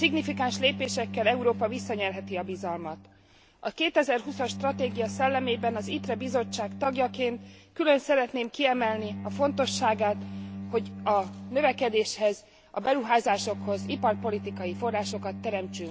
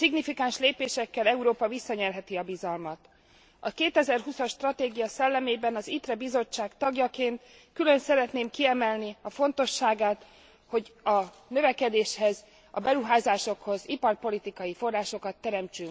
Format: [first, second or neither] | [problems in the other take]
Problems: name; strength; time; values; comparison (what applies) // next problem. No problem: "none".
second | background sound (Bowed string instrument); 10 dB below the speech